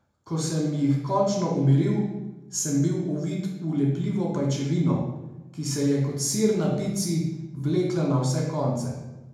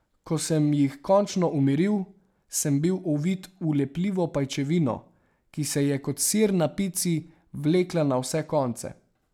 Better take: second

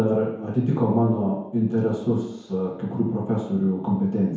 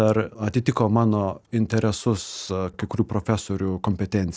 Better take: second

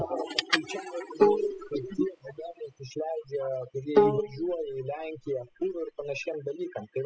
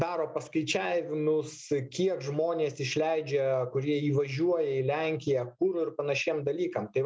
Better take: second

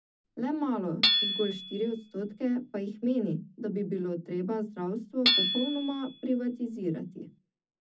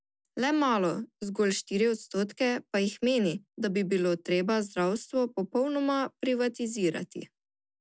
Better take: second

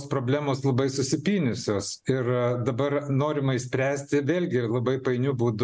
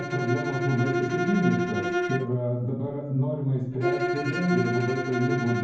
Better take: first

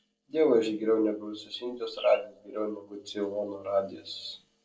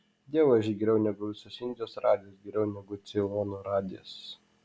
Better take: second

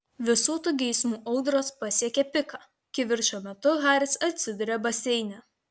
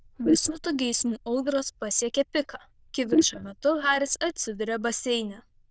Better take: first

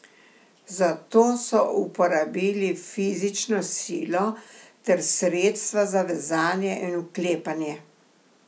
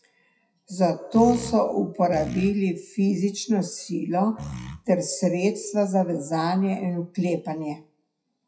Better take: first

